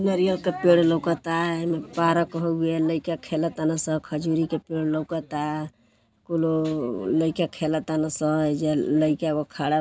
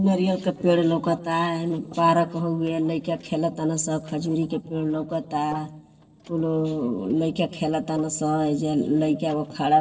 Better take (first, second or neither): first